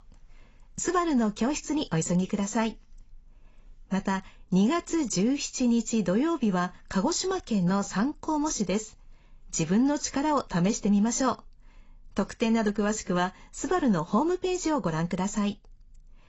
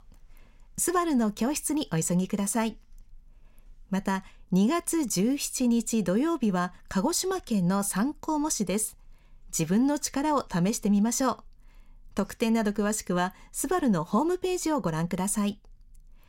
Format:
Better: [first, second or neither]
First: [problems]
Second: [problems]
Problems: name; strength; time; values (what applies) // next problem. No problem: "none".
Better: second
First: garbled, watery; badly; nothing above 7.5 kHz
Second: none